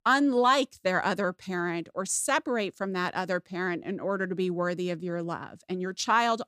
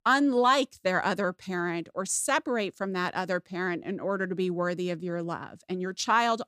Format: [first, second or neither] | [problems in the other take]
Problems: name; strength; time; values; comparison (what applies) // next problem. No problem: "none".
neither | none